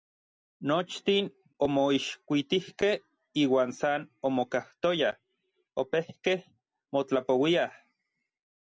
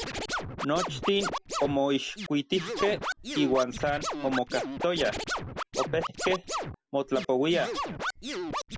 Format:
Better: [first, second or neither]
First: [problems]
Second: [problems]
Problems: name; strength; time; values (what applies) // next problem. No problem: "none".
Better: first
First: none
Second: background sound (Scratching (performance technique)); 5 dB below the speech